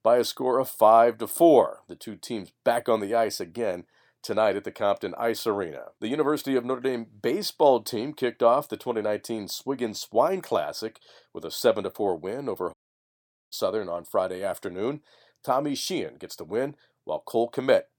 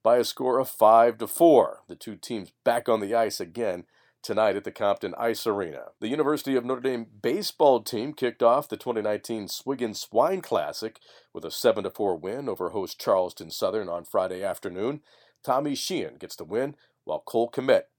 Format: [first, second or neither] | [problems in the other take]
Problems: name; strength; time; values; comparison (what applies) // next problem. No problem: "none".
second | audio cutting out; at 13 s for 1 s